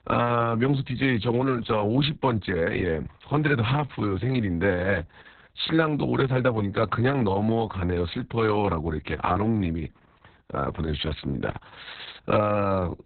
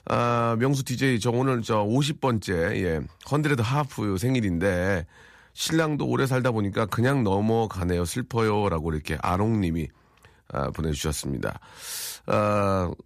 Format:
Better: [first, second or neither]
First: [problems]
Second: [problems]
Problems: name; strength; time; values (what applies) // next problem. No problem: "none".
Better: second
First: garbled, watery; badly; nothing above 4 kHz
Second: none